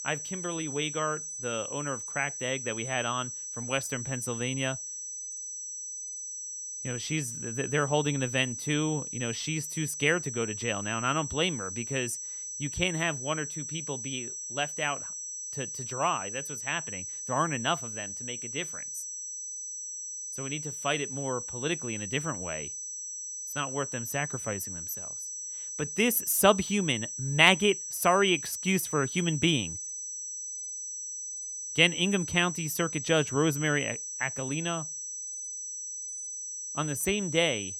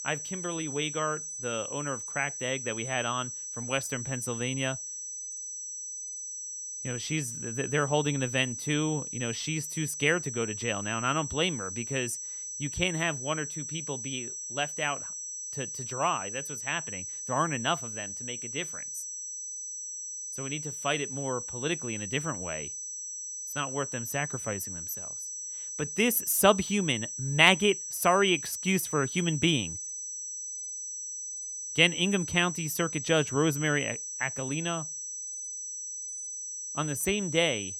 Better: neither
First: high-pitched whine; loud; throughout; 6 kHz, 6 dB below the speech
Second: high-pitched whine; loud; throughout; 6 kHz, 6 dB below the speech

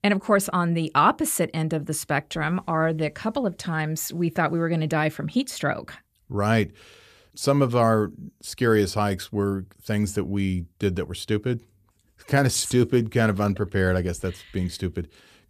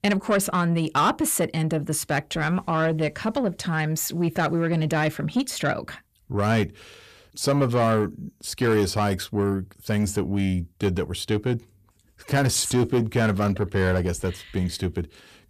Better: first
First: none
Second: distortion; slight; 10 dB below the speech

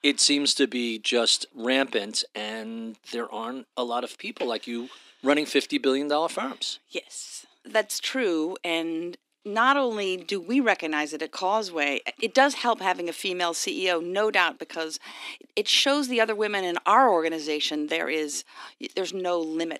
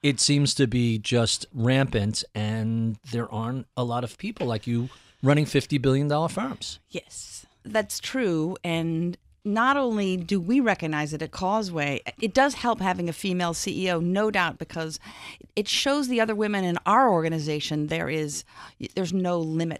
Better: second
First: thin; very slightly; fading below 250 Hz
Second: none

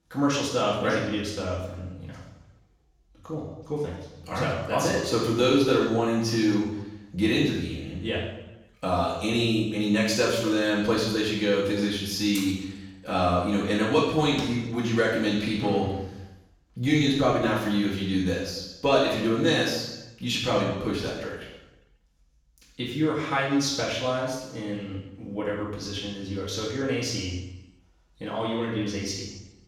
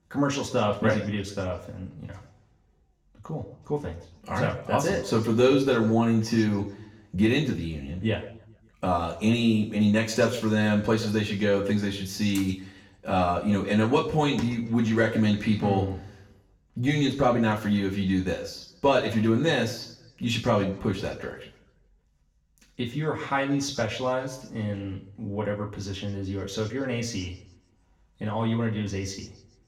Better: second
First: room echo; strong; dies away in 0.9 s // off-mic speech; far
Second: room echo; slight; dies away in 0.7 s // off-mic speech; far

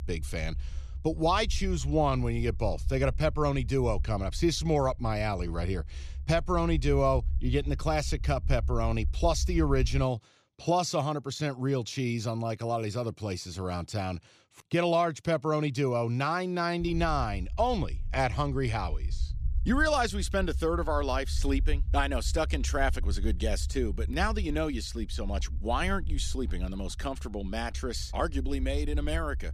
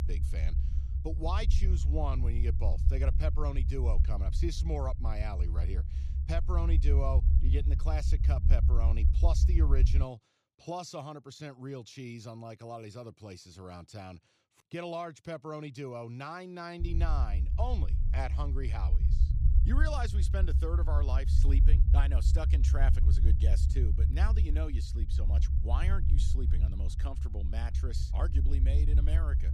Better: first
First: low rumble; faint; until 10 s and from 17 s on; 25 dB below the speech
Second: low rumble; loud; until 10 s and from 17 s on; 7 dB below the speech

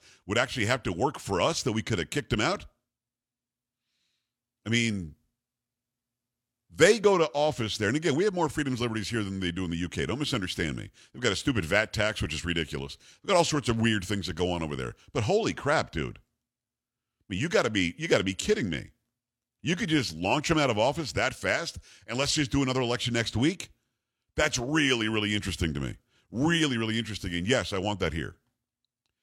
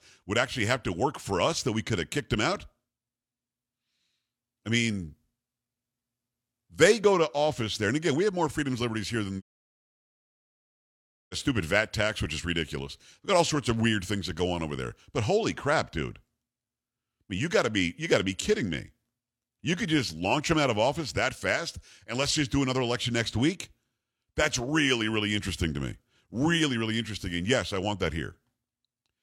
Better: first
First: none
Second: audio cutting out; at 9.5 s for 2 s

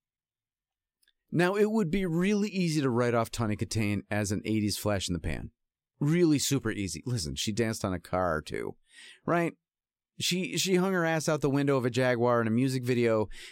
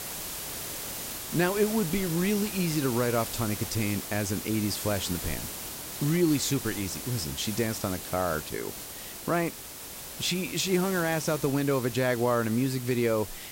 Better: first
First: none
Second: hiss; loud; throughout; 7 dB below the speech

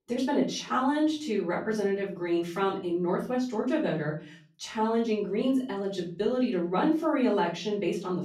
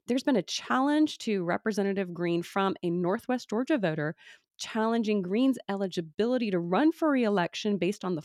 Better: second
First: off-mic speech; far // room echo; slight; dies away in 0.4 s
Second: none

